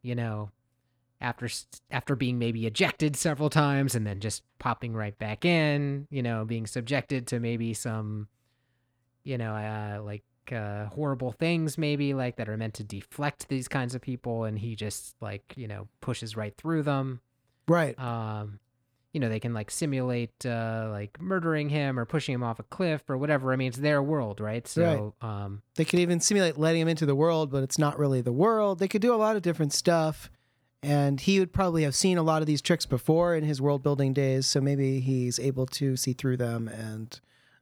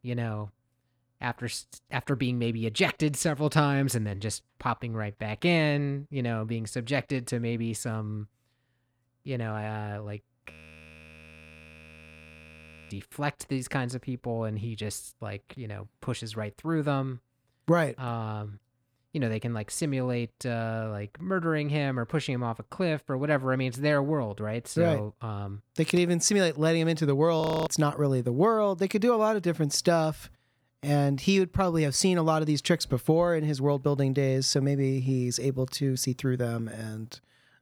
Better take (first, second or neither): first